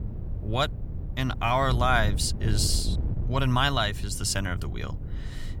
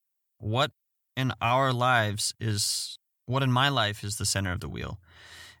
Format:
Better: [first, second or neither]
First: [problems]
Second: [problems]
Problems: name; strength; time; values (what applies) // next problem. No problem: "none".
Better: second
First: wind noise on the microphone; occasional gusts; 20 dB below the speech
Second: none